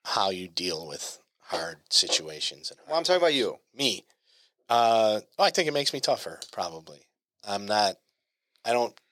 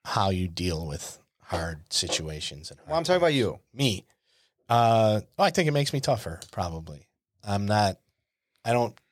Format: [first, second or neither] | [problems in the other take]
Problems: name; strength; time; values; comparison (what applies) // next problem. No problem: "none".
second | thin; somewhat; fading below 350 Hz